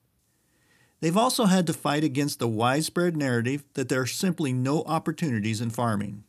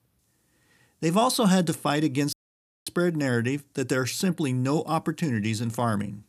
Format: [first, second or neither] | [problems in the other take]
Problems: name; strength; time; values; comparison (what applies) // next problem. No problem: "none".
first | audio cutting out; at 2.5 s for 0.5 s